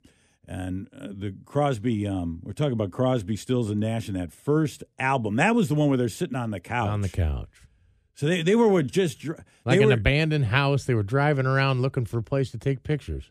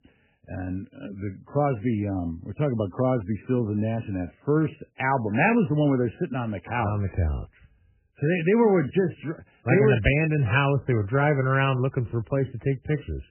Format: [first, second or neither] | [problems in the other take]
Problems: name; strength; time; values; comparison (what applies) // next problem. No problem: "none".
first | garbled, watery; badly; nothing above 3 kHz